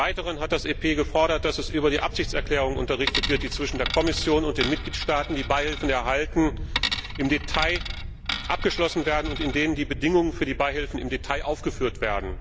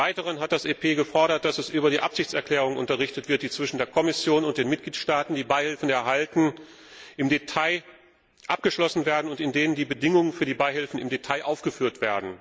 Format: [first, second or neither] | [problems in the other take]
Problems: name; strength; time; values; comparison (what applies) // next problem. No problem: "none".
second | background sound (Wind + Coin (dropping)); 5 dB below the speech